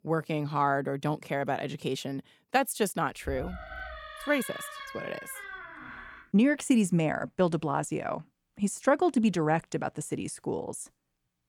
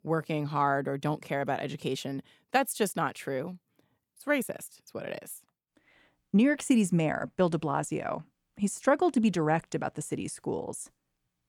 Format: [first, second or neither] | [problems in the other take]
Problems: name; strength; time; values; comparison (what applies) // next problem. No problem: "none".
second | door banging; faint; from 3.5 to 6 s; peak 10 dB below the speech